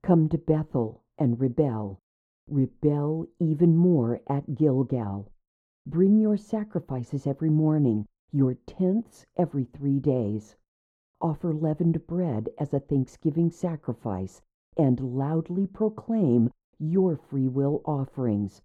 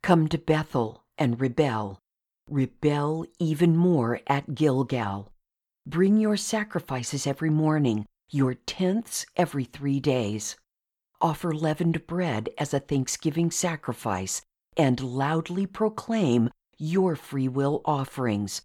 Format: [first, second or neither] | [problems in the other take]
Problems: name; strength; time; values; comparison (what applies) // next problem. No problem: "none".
second | muffled; very; fading above 1 kHz